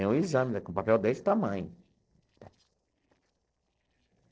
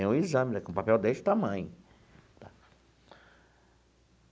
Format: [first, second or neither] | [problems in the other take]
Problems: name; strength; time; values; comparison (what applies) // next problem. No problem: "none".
second | noise reduction (neural separator model SepFormer DNS4)